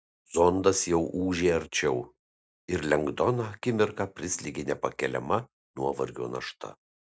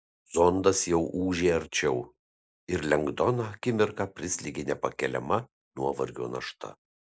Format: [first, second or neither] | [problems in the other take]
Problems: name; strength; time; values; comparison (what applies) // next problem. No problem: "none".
first | noise reduction (neural mask model Resemble Enhance denoiser)